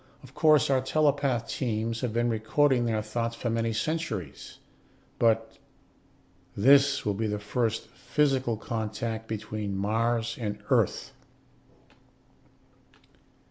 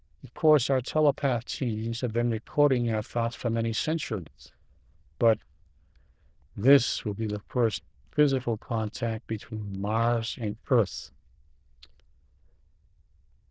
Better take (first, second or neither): first